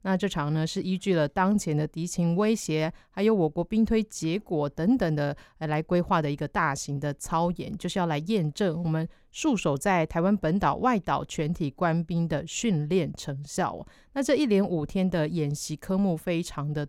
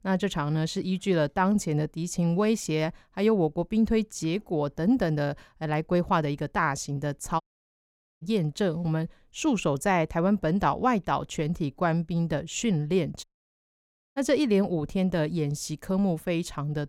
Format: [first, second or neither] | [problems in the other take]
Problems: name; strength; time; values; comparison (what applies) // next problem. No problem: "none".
first | audio cutting out; at 7.5 s for 1 s and at 13 s for 1 s